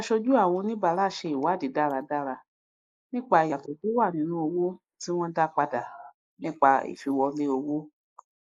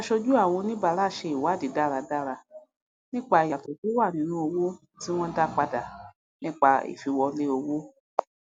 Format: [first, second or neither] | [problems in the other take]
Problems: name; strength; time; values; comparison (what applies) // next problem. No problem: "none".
second | noise reduction (neural mask model Resemble Enhance denoiser)